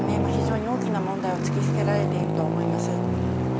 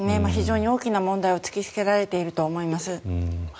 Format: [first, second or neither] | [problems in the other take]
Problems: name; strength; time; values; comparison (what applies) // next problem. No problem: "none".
second | background sound (Traffic noise, roadway noise); 5 dB above the speech